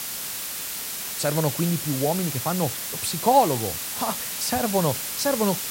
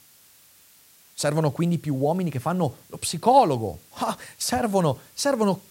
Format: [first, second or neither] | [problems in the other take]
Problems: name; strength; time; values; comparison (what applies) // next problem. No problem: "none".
second | hiss; loud; throughout; 3 dB below the speech; faint in the second